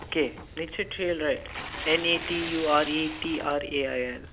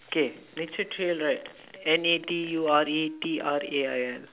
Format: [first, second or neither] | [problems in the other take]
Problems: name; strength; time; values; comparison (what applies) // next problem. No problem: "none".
second | background sound (Tearing); 11 dB below the speech